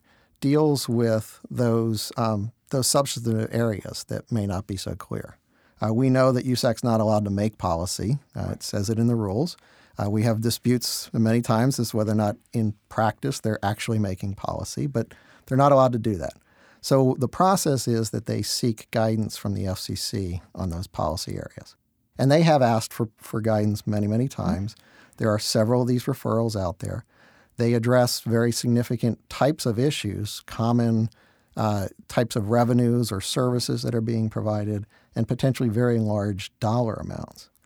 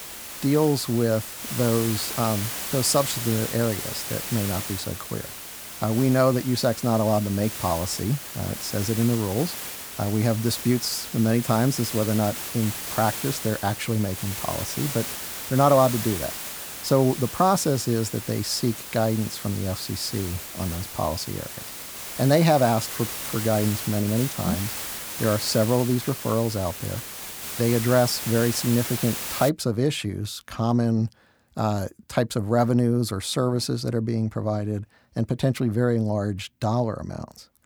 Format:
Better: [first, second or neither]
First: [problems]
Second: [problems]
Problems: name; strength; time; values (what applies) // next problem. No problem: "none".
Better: first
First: none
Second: hiss; loud; until 29 s; 6 dB below the speech